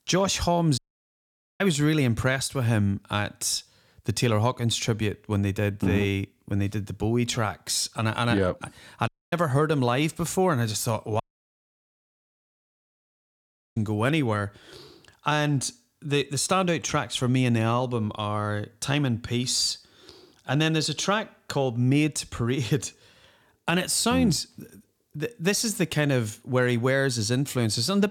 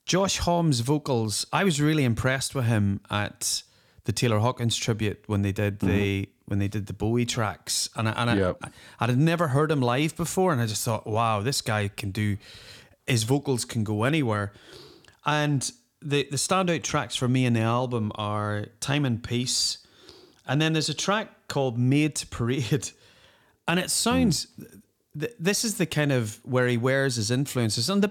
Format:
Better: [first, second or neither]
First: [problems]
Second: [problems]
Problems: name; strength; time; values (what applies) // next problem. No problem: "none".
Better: second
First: audio cutting out; at 1 s for 1 s, at 9 s and at 11 s for 2.5 s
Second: none